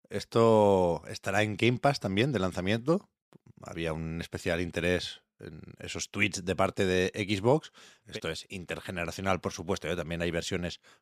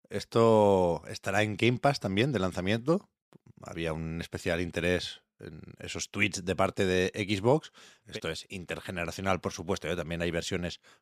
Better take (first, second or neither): neither